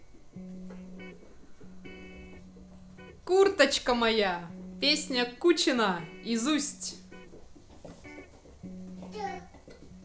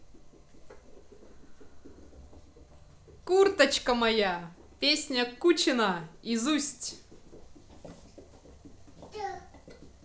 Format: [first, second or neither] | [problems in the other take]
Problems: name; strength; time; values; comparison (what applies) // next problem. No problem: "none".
second | background sound (Electric guitar); 17 dB below the speech